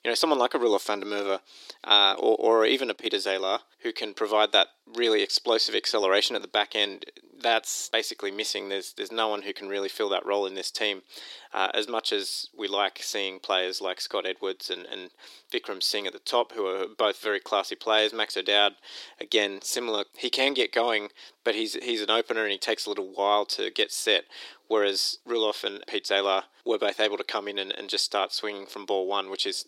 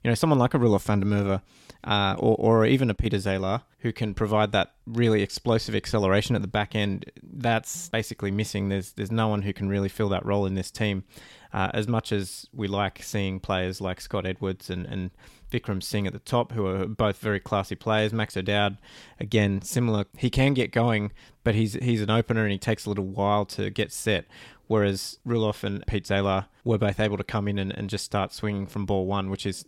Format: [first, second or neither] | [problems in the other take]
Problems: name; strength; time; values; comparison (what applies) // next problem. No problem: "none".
second | thin; very; fading below 350 Hz